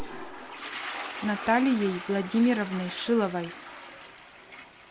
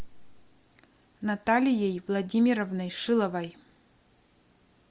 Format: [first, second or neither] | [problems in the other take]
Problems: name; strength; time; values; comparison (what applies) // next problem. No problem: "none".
second | background sound (Toilet flush); 11 dB below the speech